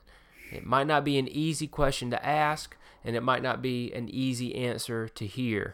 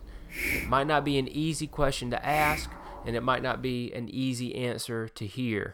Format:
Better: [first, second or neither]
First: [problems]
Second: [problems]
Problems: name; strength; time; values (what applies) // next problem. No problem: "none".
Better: first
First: hiss; faint; until 3.5 s; 20 dB below the speech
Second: hiss; loud; until 3.5 s; 4 dB below the speech